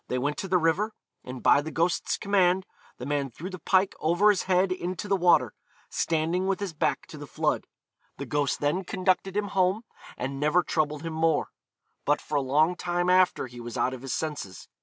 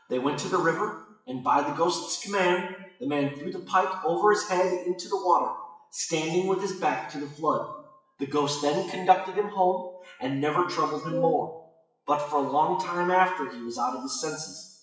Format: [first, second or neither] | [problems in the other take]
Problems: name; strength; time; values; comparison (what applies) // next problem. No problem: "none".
first | noise reduction (classical method WPE with log-MMSE)